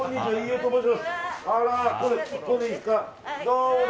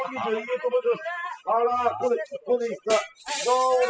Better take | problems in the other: first | noise reduction (classical method spectral subtraction)

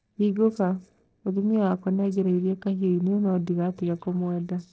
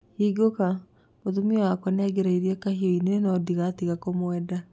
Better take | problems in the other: second | noise reduction (neural separator model SepFormer DNS4)

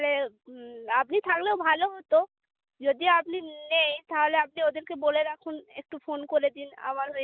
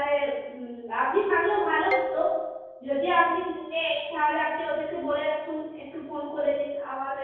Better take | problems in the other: first | background sound (Marimba, xylophone); 11 dB below the speech // room echo; dies away in 1.3 s

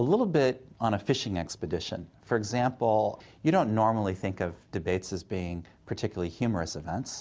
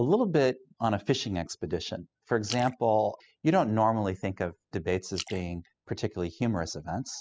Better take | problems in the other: first | noise reduction (classical method spectral subtraction)

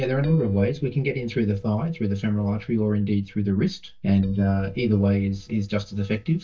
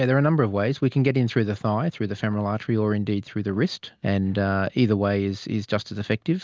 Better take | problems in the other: second | noise reduction (neural mask model DeepFilterNet 3)

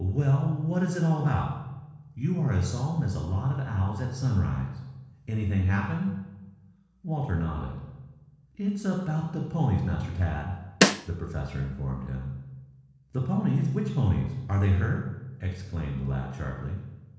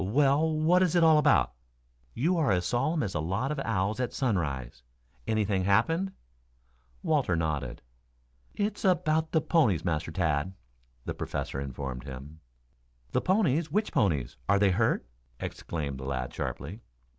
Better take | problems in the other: second | background sound (Snare drum); 5 dB above the speech // room echo; dies away in 1.1 s

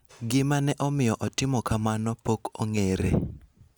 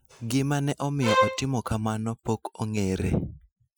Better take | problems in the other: first | noise reduction (classical method Wiener filter)

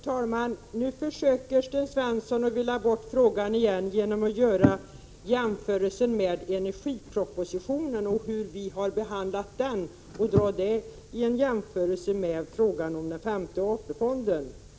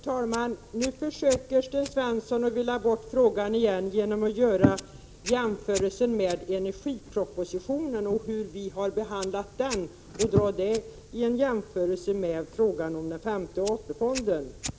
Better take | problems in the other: first | background sound (Fire); 18 dB below the speech

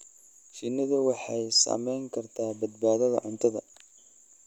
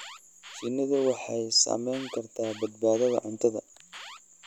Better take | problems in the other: first | background sound (Alarm); 20 dB below the speech

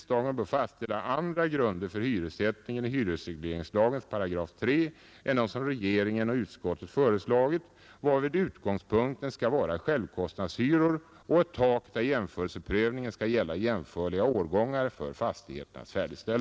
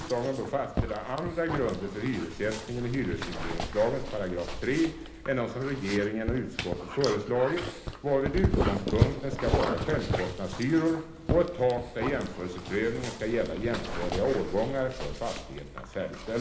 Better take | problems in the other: first | background sound (Dog); 4 dB below the speech // room echo; dies away in 1 s

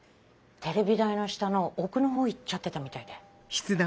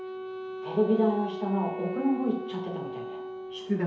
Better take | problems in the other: first | background sound (Wind instrument, woodwind instrument); 8 dB below the speech // room echo; dies away in 2.2 s

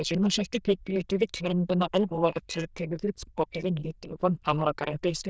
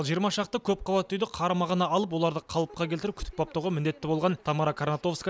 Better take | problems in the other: second | noise reduction (neural diffusion model UNIVERSE++)

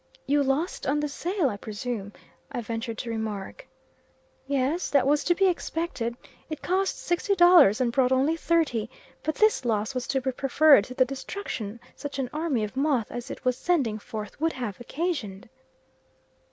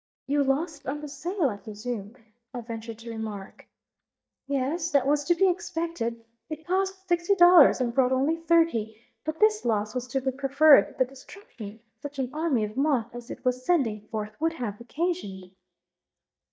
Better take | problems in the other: first | noise reduction (neural mask model DeepFilterNet 3)

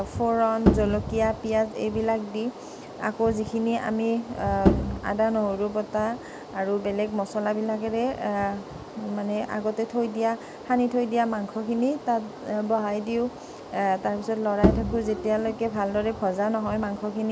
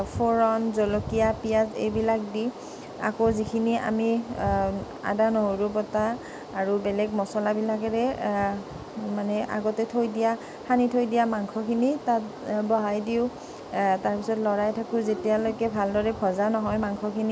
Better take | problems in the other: second | background sound (Bowed string instrument); as loud as the speech

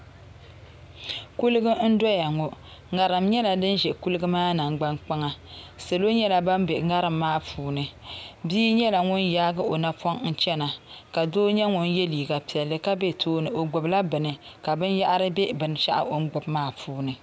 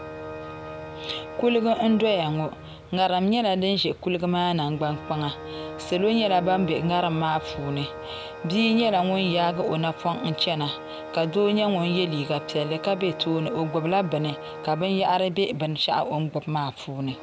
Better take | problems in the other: first | background sound (Organ); 13 dB below the speech

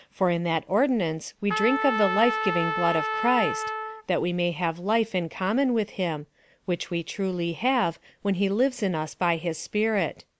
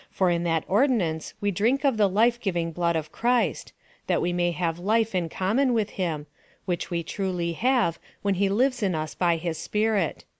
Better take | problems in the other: second | background sound (Trumpet); 3 dB below the speech

